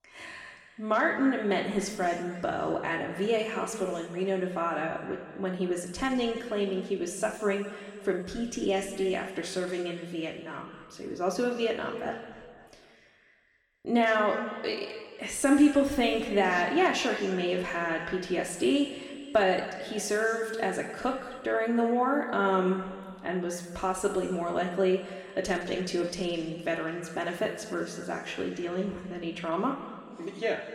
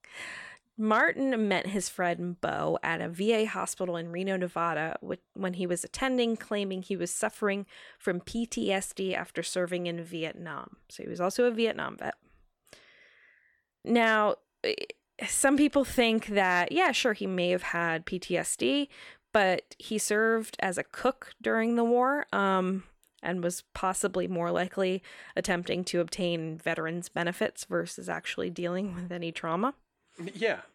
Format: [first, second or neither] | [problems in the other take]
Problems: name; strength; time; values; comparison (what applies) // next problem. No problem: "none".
second | room echo; noticeable; dies away in 1.9 s // off-mic speech; somewhat distant